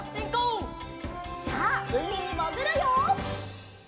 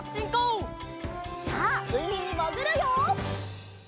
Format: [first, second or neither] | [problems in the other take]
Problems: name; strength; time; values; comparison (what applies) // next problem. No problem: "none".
second | room echo; dies away in 1.5 s